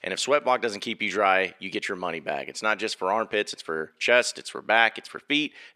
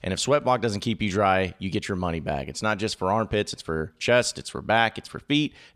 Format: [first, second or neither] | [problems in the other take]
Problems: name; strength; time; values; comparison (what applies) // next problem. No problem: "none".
second | thin; somewhat; fading below 350 Hz